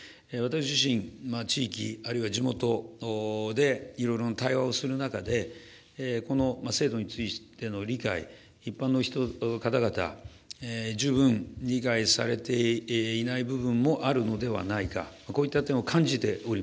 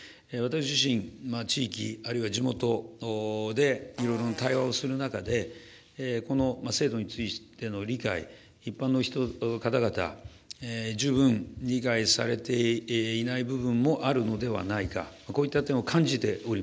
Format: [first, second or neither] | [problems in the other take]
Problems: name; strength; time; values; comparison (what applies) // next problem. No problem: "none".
first | background sound (Fart); 17 dB below the speech